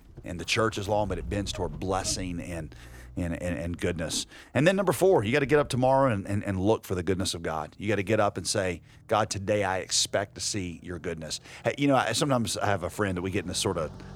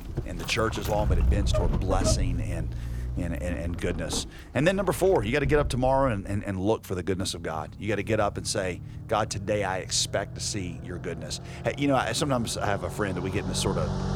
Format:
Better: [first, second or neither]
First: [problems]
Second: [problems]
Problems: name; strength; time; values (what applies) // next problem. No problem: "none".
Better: first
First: traffic noise; faint; throughout; 20 dB below the speech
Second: traffic noise; loud; throughout; 6 dB below the speech